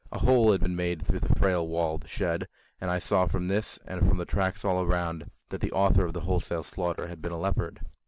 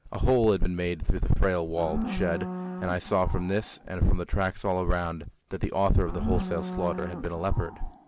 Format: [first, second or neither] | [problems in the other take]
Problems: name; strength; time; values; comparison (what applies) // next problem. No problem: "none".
first | background sound (Livestock, farm animals, working animals); 12 dB below the speech